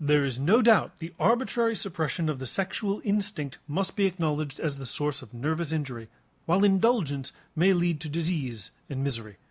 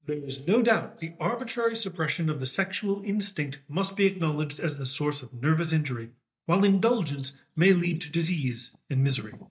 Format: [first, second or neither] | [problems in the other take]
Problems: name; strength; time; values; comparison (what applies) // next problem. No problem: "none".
first | noise reduction (neural mask model DeepFilterNet 3)